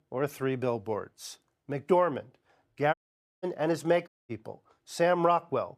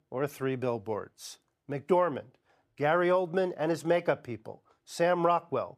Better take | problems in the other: second | audio cutting out; at 3 s and at 4 s

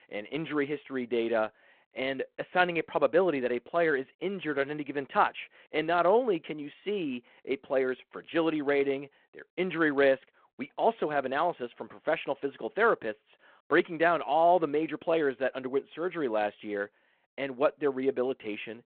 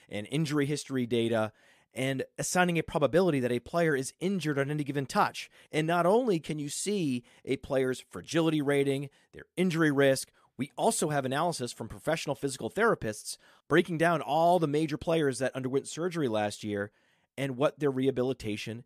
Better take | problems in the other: second | phone-call audio

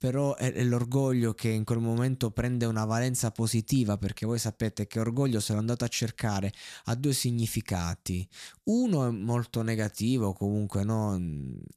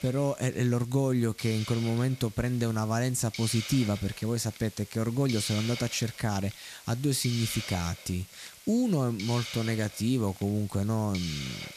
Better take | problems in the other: first | hiss; noticeable; throughout; 10 dB below the speech

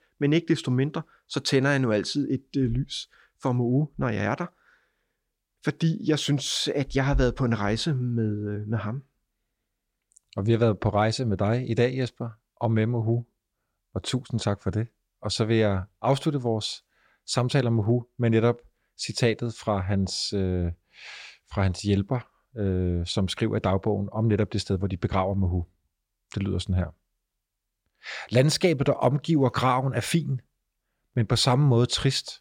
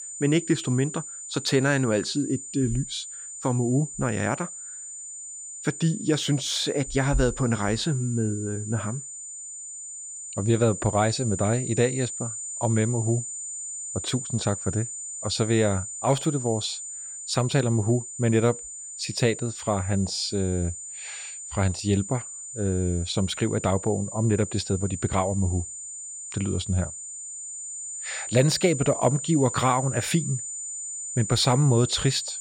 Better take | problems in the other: first | high-pitched whine; loud; throughout; 7 kHz, 8 dB below the speech

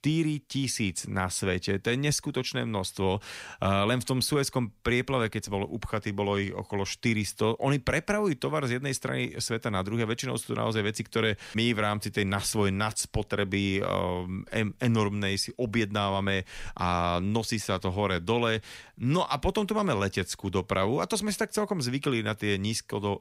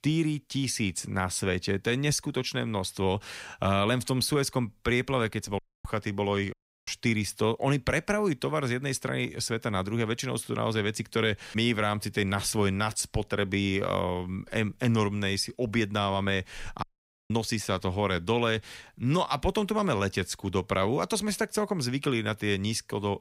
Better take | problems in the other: first | audio cutting out; at 5.5 s, at 6.5 s and at 17 s

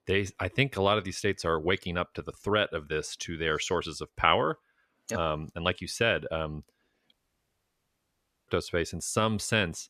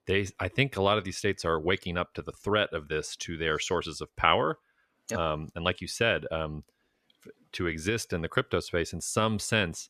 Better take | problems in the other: second | audio cutting out; at 7 s for 1.5 s

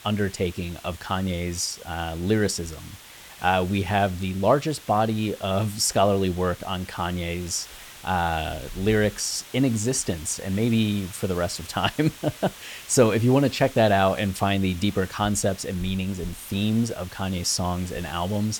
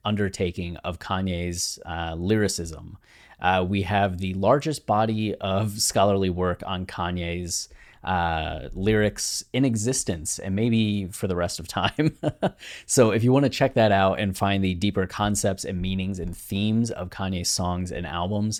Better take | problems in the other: second | hiss; noticeable; throughout; 20 dB below the speech

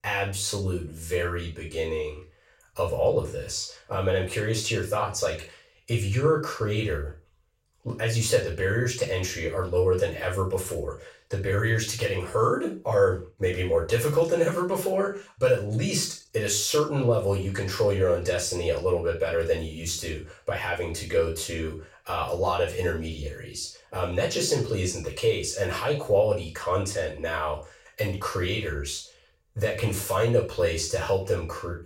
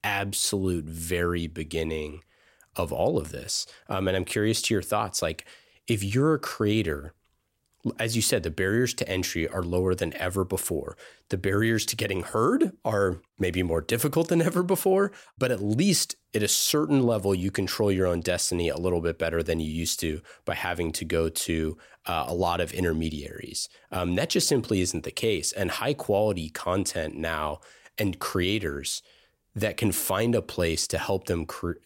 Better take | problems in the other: second | room echo; noticeable; dies away in 0.3 s // off-mic speech; far

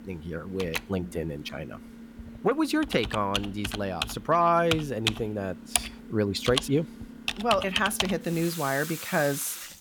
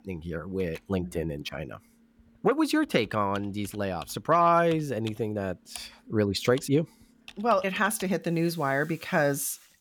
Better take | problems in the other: second | household noises; loud; throughout; 4 dB below the speech; faint in the second

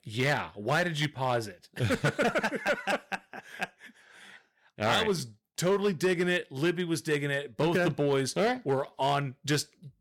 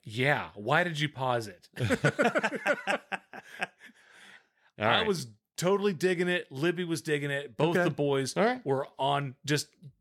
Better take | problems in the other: second | distortion; slight; 5% of the sound clipped

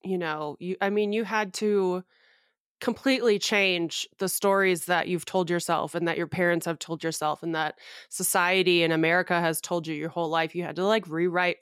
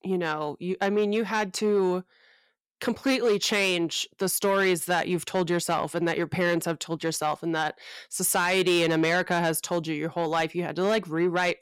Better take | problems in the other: first | distortion; slight; 10 dB below the speech

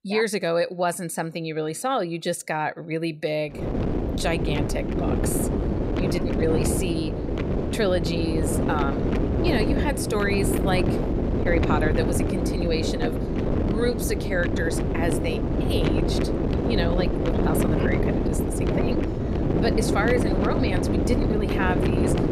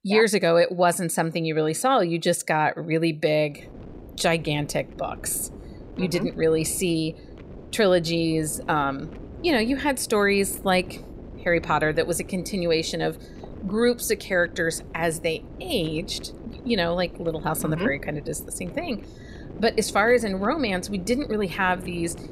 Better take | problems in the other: second | wind noise on the microphone; heavy; from 3.5 s on; 1 dB below the speech; occasional gusts in the second

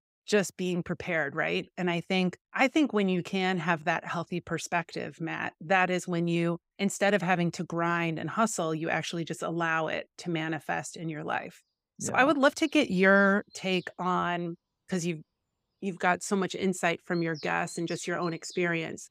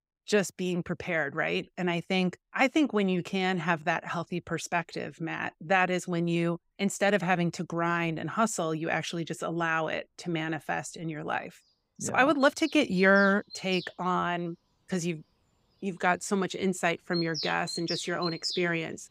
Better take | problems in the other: first | animal sounds; loud; throughout; 9 dB below the speech; faint in the first

